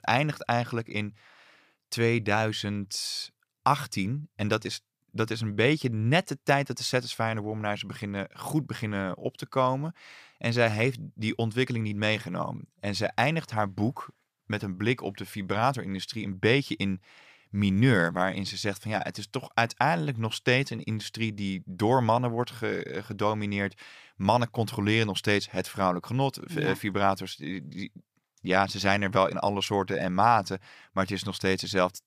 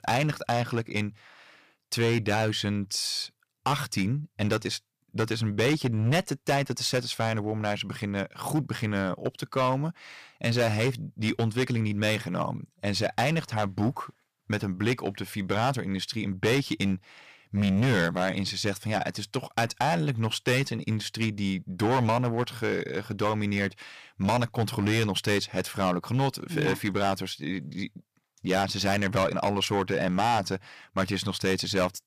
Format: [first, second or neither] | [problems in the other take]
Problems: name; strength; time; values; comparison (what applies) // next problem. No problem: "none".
first | distortion; heavy; 7% of the sound clipped